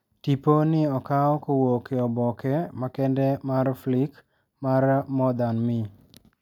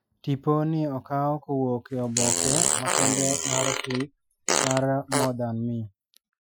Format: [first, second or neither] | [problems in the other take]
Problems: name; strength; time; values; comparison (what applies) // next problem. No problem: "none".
first | noise reduction (classical method Wiener filter)